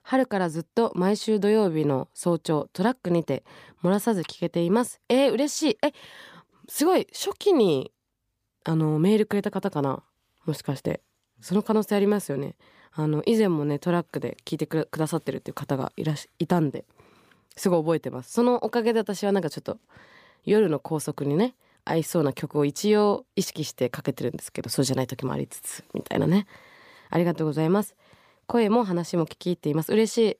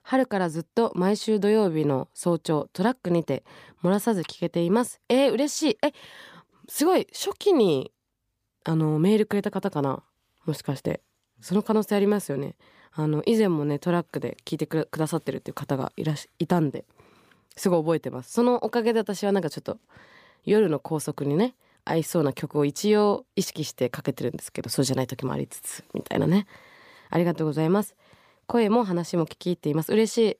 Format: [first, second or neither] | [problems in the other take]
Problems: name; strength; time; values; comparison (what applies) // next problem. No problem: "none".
neither | none